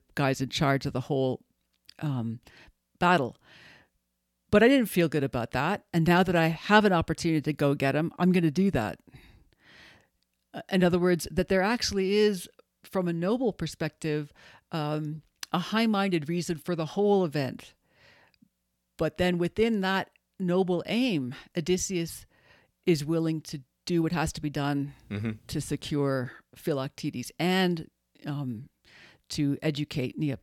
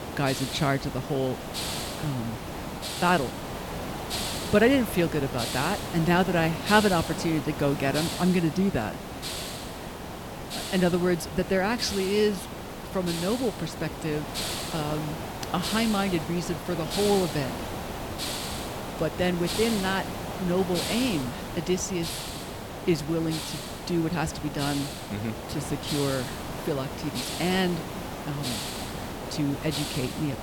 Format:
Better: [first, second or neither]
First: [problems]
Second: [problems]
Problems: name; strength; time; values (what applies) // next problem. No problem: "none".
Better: first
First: none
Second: hiss; loud; throughout; 6 dB below the speech